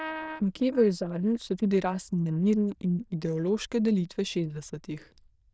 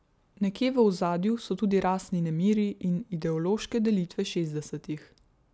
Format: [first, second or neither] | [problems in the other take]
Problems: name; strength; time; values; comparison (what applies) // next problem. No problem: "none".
second | noise reduction (neural diffusion model UNIVERSE++)